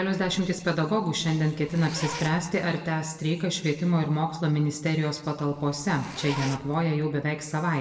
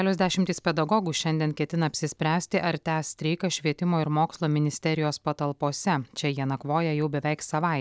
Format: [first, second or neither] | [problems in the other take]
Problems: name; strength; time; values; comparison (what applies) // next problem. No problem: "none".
second | background sound (Zipper (clothing)); 13 dB below the speech // room echo; dies away in 1 s